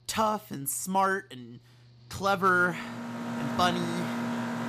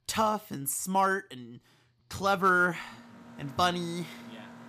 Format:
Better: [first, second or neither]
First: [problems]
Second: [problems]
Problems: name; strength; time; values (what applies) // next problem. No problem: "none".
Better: second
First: machinery noise; loud; throughout; 7 dB below the speech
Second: machinery noise; faint; throughout; 20 dB below the speech